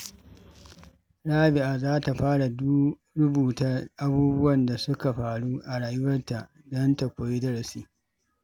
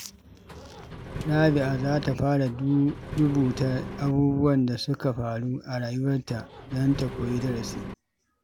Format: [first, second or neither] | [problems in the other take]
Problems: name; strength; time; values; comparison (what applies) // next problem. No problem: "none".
first | background sound (Engine); 11 dB below the speech